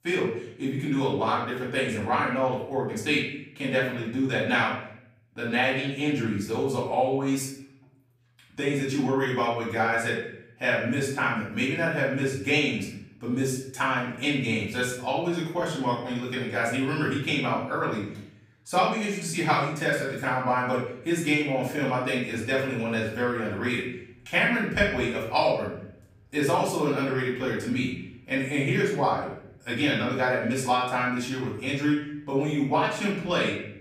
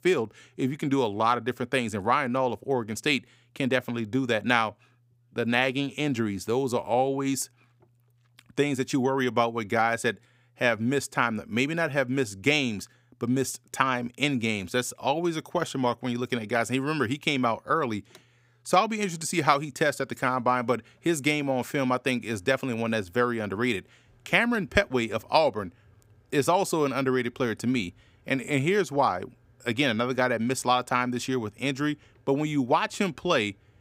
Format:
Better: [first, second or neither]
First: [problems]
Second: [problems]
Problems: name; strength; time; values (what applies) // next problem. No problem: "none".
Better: second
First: room echo; noticeable; dies away in 0.7 s // off-mic speech; far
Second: none